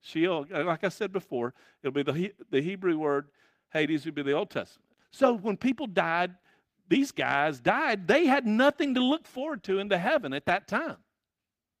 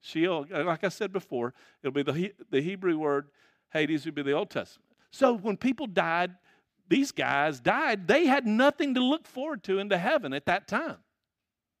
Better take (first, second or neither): second